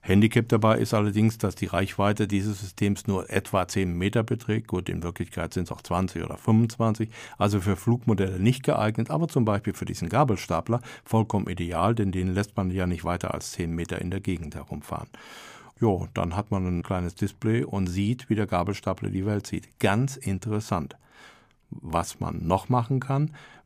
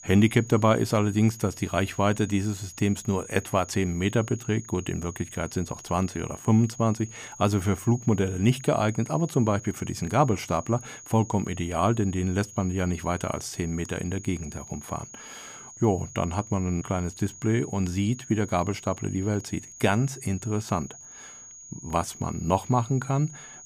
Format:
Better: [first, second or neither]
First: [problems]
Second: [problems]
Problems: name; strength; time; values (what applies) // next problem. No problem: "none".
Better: first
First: none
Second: high-pitched whine; noticeable; throughout; 6.5 kHz, 15 dB below the speech